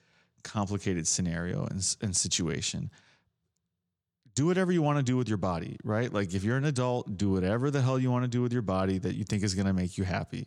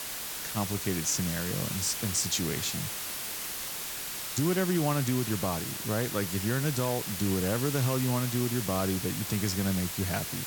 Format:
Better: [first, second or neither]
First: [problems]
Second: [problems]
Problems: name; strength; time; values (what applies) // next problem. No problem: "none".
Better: first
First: none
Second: hiss; loud; throughout; 3 dB below the speech